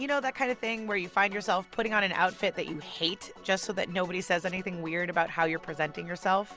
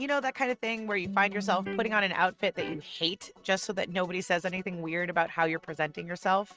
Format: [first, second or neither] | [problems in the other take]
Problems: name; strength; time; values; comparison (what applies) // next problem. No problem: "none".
first | noise reduction (neural mask model RNNoise)